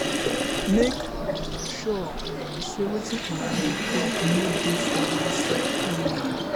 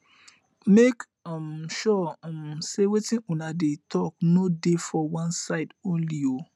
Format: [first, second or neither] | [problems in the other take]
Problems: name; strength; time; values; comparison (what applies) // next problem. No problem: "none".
second | background sound (Bird + Sink (filling or washing)); 3 dB above the speech